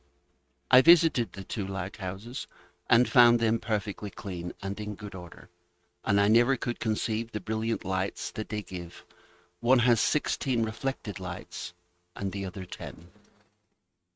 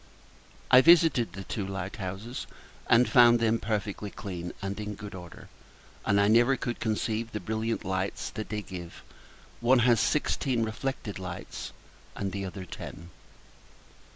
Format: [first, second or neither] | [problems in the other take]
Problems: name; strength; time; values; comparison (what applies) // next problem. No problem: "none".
second | noise reduction (neural mask model RNNoise)